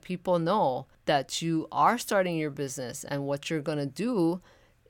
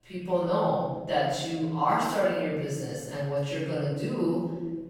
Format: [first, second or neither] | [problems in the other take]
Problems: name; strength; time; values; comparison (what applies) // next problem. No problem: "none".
first | room echo; strong; dies away in 1.3 s // off-mic speech; far